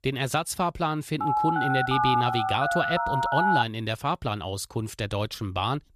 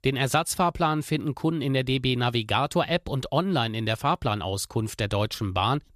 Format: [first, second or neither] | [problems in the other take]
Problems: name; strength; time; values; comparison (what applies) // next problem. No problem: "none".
second | phone ringing; loud; from 1 to 3.5 s; peak 5 dB above the speech